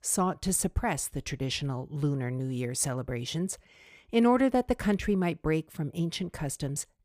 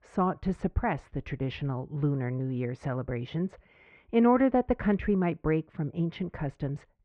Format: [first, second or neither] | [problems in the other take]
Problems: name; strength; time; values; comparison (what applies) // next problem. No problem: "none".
first | muffled; very; fading above 2 kHz